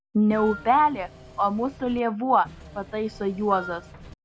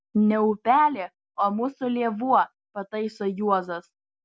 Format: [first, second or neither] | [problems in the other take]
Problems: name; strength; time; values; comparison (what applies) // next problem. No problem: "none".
second | background sound (Wind instrument, woodwind instrument + Engine / Mechanisms); 17 dB below the speech